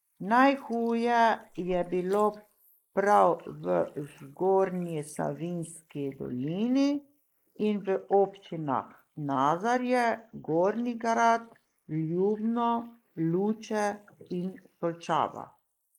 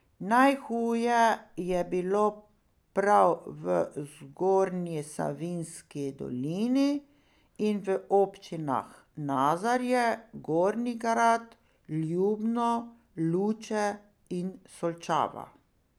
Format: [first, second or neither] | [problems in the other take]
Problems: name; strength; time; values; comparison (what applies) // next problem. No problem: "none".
second | noise reduction (neural mask model Resemble Enhance denoiser)